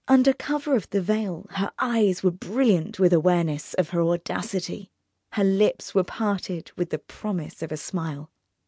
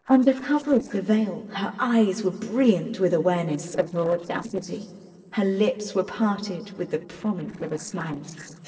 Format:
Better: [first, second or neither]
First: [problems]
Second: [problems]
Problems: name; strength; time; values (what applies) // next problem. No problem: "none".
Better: first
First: none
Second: noise reduction (neural separator model SepFormer DNS4)